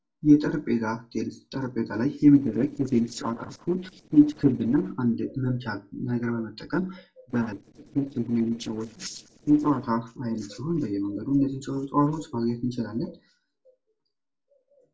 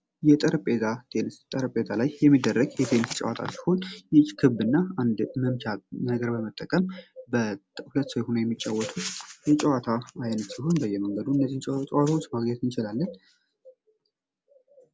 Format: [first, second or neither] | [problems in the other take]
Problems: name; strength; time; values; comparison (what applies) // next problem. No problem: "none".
second | noise reduction (neural separator model SepFormer DNS4)